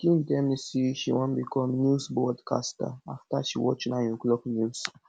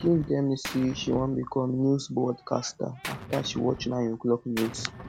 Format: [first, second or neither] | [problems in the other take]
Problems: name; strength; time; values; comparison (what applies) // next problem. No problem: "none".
first | background sound (Gunshot, gunfire); 14 dB below the speech